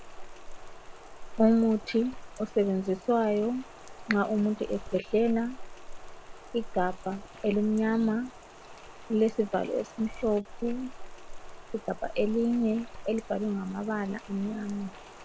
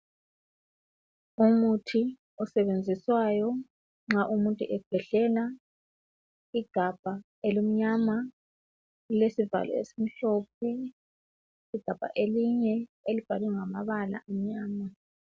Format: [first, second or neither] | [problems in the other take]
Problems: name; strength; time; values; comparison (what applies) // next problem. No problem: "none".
second | background sound (Rain); 12 dB below the speech